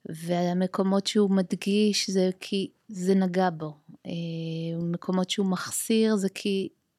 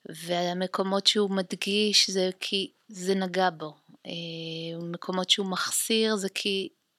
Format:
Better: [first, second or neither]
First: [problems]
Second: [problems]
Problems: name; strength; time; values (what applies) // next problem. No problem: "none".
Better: first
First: none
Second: thin; very slightly; fading below 1 kHz